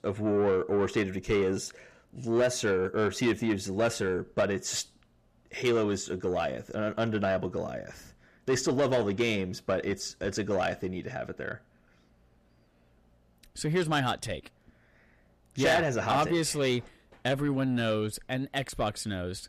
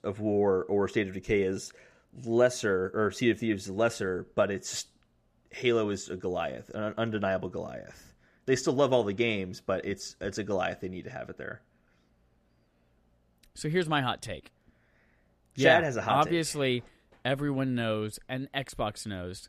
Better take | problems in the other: second | distortion; slight; 10 dB below the speech

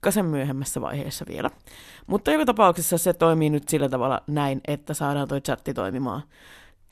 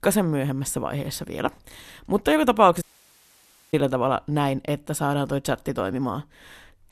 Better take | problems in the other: first | audio cutting out; at 3 s for 1 s

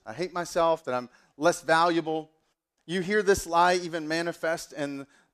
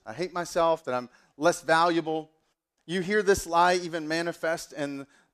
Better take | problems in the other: neither | none

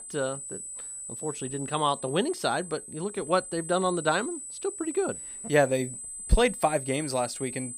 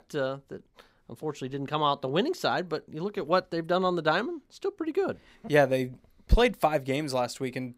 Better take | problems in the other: second | high-pitched whine; loud; throughout; 8 kHz, 8 dB below the speech

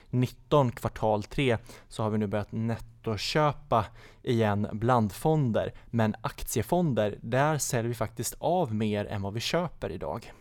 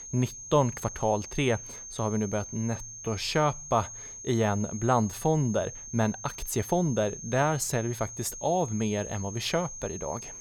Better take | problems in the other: first | high-pitched whine; noticeable; throughout; 6.5 kHz, 10 dB below the speech

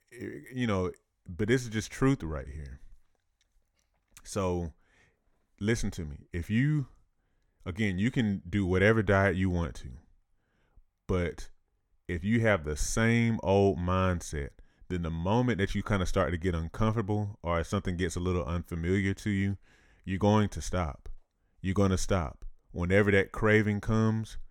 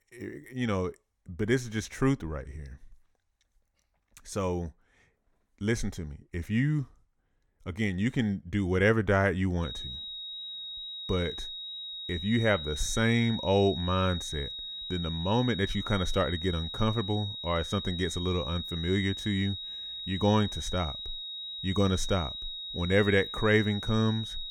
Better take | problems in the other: first | high-pitched whine; loud; from 9.5 s on; 4 kHz, 7 dB below the speech

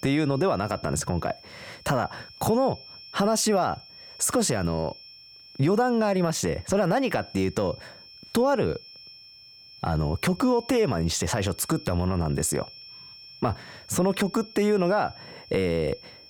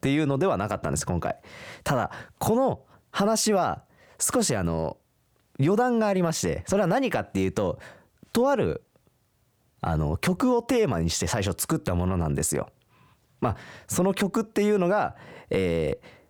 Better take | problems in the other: second | high-pitched whine; noticeable; throughout; 5.5 kHz, 20 dB below the speech

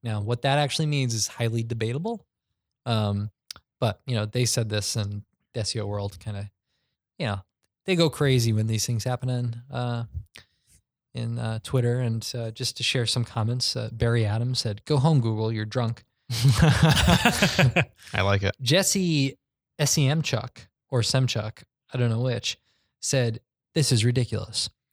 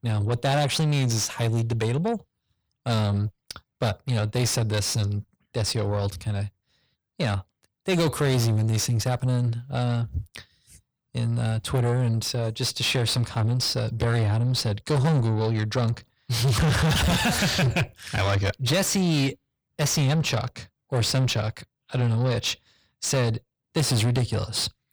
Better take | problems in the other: first | distortion; heavy; 7 dB below the speech

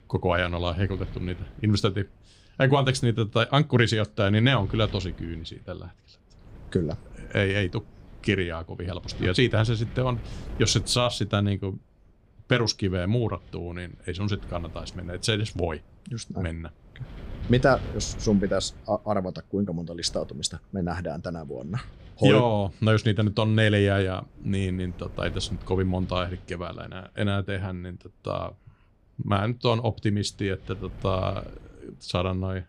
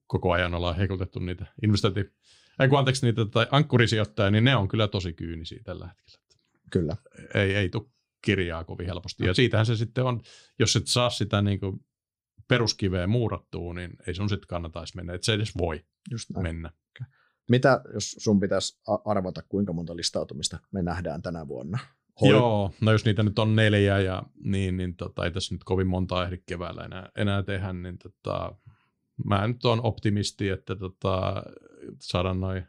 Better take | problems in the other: second | wind noise on the microphone; occasional gusts; 25 dB below the speech

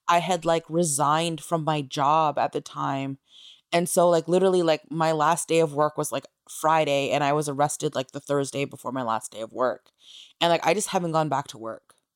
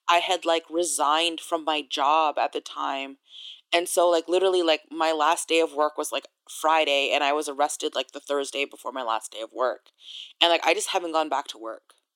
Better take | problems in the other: first | thin; somewhat; fading below 300 Hz

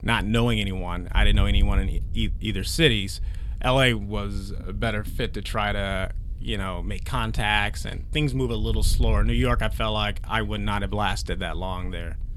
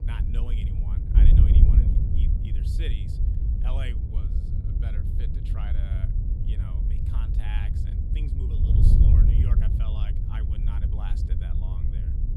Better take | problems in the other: first | wind noise on the microphone; heavy; 4 dB above the speech; occasional gusts in the first

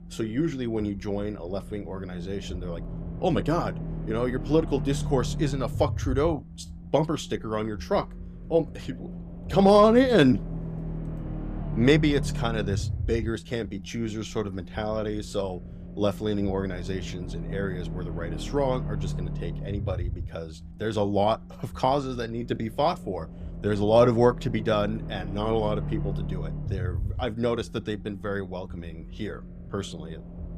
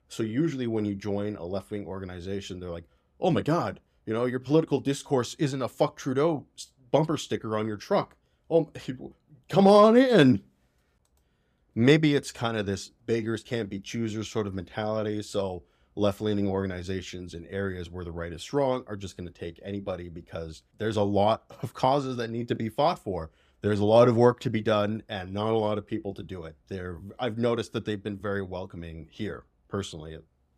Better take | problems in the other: second | low rumble; noticeable; throughout; 20 dB below the speech

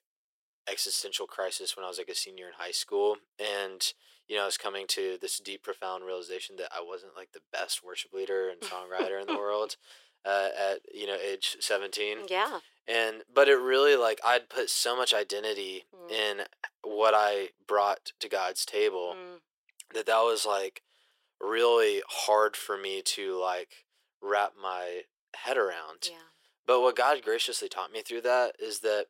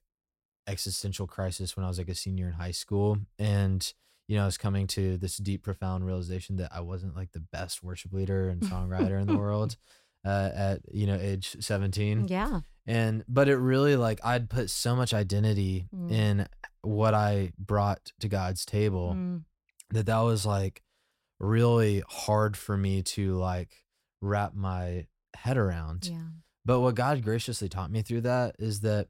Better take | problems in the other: second | thin; very; fading below 400 Hz

